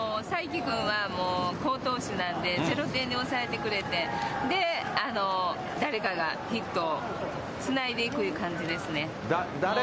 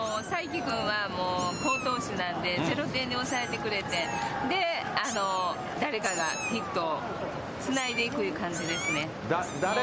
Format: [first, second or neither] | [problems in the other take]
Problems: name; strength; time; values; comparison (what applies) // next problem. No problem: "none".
first | background sound (Meow); 11 dB below the speech